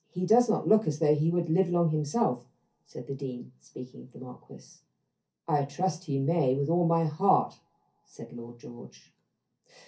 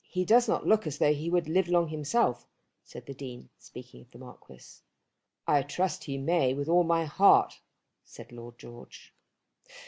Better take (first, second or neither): second